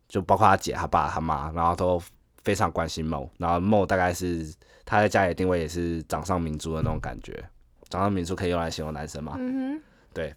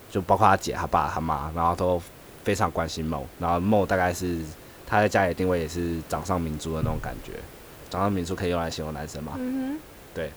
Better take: first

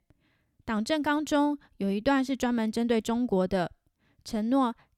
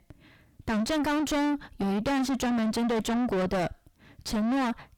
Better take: first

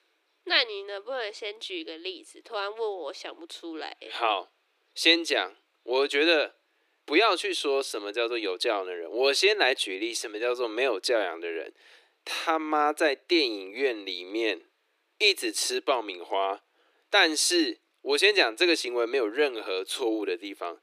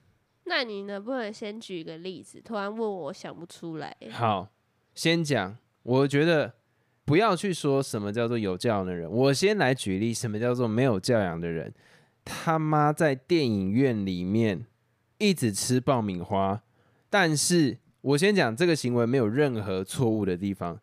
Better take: second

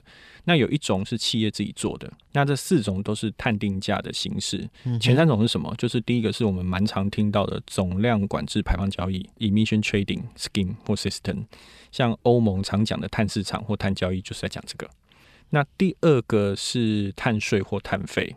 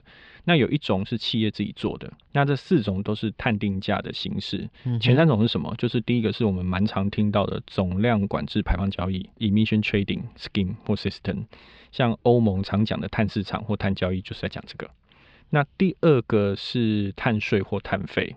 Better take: first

